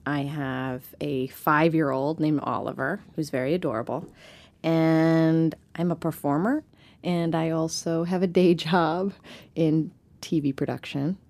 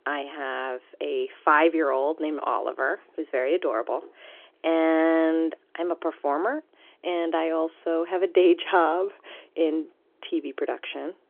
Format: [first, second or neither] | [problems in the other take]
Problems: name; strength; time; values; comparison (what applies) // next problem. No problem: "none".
first | phone-call audio; nothing above 3.5 kHz